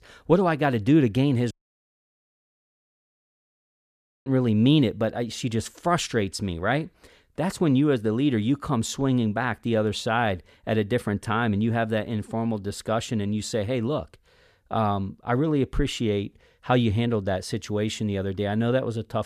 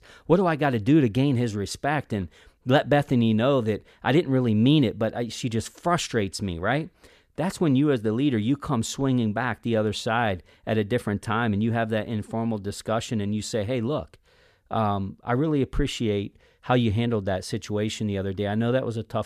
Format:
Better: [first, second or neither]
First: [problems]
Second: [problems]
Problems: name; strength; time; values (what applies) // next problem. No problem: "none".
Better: second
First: audio cutting out; at 1.5 s for 3 s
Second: none